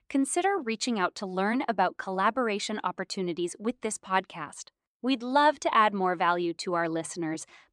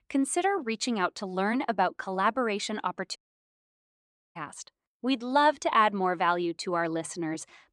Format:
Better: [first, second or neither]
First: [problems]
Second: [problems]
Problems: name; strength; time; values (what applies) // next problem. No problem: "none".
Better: first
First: none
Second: audio cutting out; at 3 s for 1 s